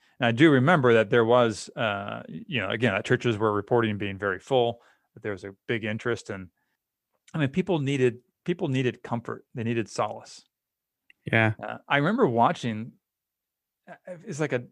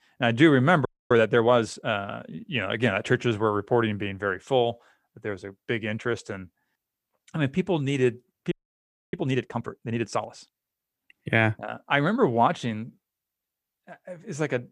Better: first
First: none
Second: audio freezing; at 1 s and at 8.5 s for 0.5 s

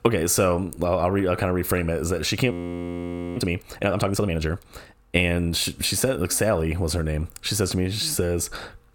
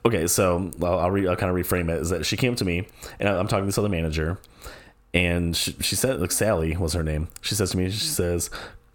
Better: second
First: audio freezing; at 2.5 s for 1 s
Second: none

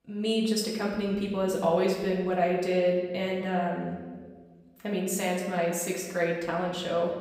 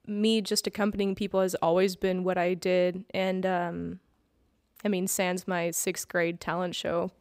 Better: second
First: off-mic speech; far // room echo; noticeable; dies away in 1.2 s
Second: none

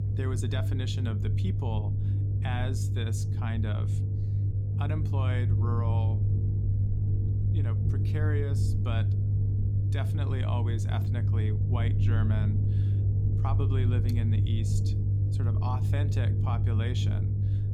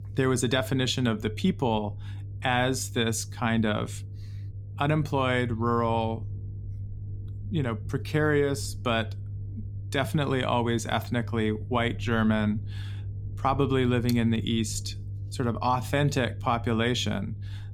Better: second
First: low rumble; loud; throughout; 1 dB below the speech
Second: low rumble; faint; throughout; 25 dB below the speech

